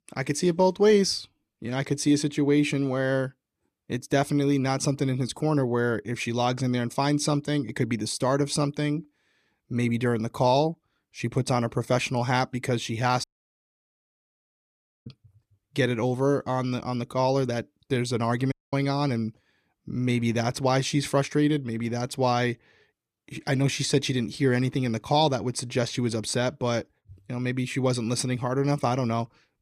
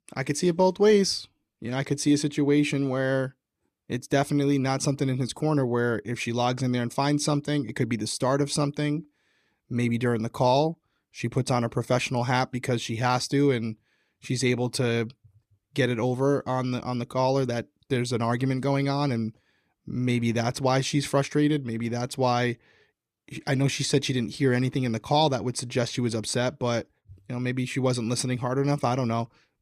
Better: second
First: audio cutting out; at 13 s for 2 s and at 19 s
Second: none

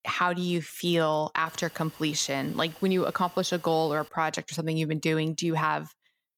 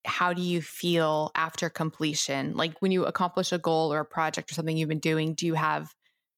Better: second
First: hiss; faint; from 1.5 to 4 s; 20 dB below the speech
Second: none

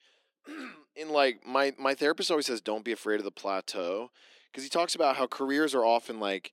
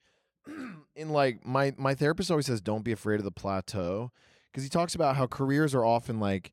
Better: second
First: thin; somewhat; fading below 250 Hz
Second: none

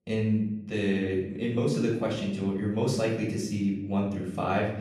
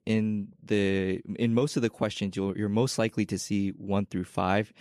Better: second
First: off-mic speech; far // room echo; noticeable; dies away in 0.8 s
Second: none

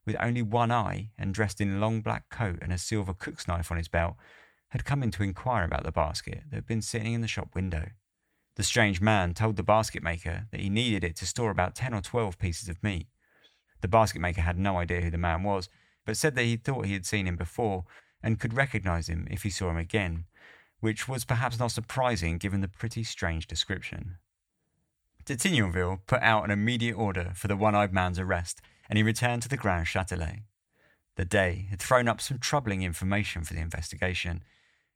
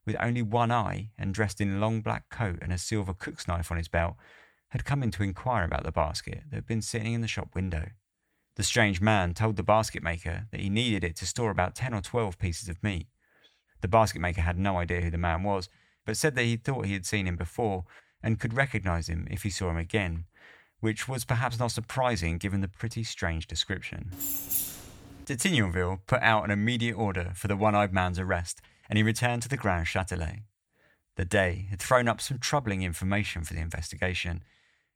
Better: first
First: none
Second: jangling keys; loud; at 24 s; peak 1 dB above the speech

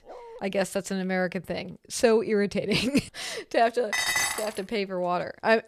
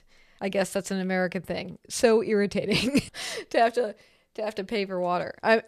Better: second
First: dog barking; faint; at the start; peak 15 dB below the speech // clattering dishes; loud; at 4 s; peak 3 dB above the speech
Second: none

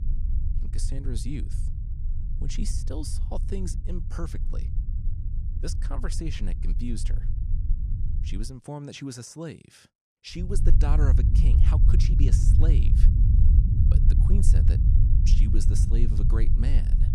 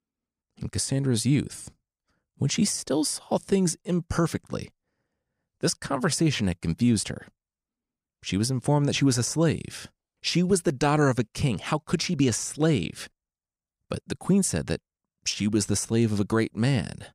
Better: second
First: low rumble; loud; until 8.5 s and from 10 s on; 2 dB below the speech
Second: none

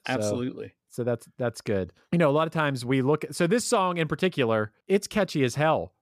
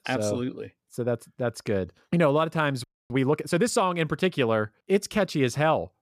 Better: first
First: none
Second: audio freezing; at 3 s

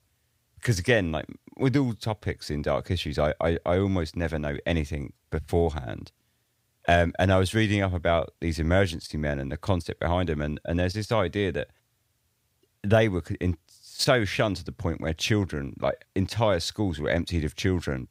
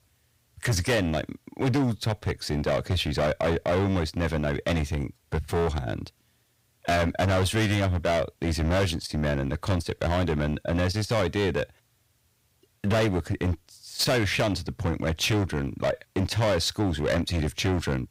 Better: first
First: none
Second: distortion; heavy; 14% of the sound clipped

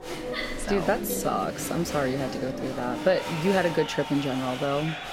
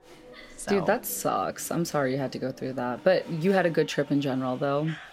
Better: second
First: crowd noise; loud; throughout; 6 dB below the speech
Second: crowd noise; faint; throughout; 20 dB below the speech

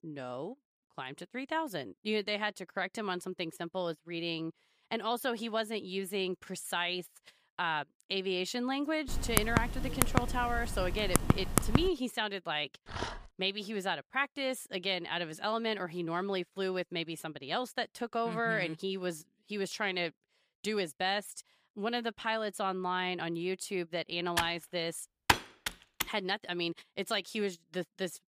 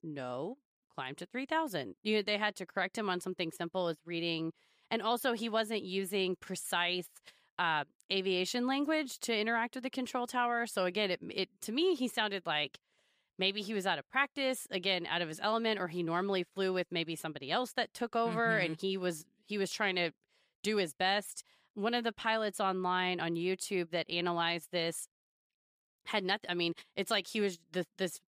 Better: second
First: keyboard typing; loud; from 9 to 12 s and from 24 to 26 s; peak 6 dB above the speech // dog barking; noticeable; at 13 s; peak 5 dB below the speech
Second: none

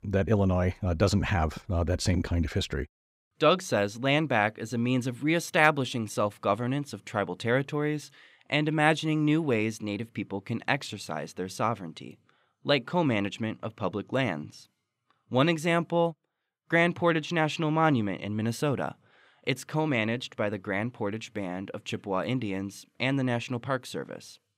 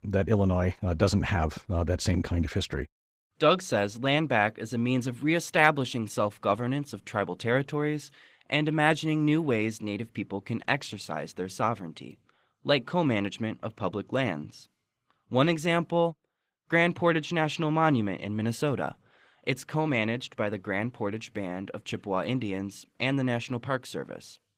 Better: first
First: none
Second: garbled, watery; slightly; nothing above 15.5 kHz

